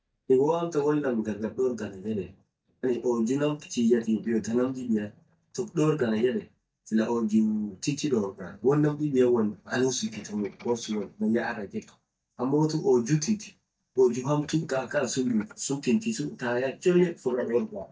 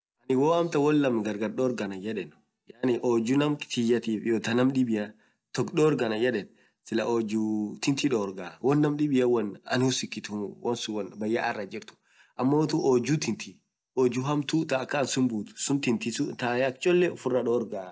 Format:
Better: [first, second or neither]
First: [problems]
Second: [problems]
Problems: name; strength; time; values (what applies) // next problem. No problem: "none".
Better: second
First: noise reduction (neural mask model DeepFilterNet 3)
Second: none